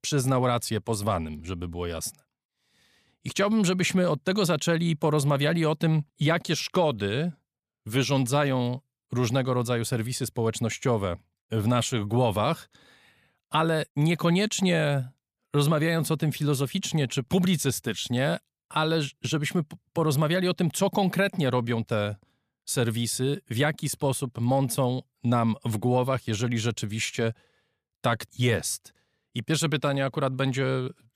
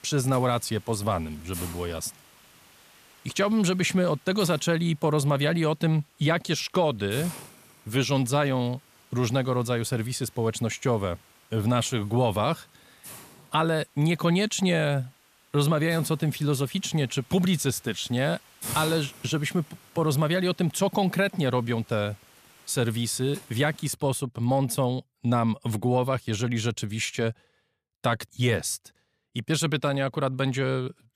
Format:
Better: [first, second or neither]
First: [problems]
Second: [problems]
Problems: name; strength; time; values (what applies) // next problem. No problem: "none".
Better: first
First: none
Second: hiss; noticeable; until 24 s; 20 dB below the speech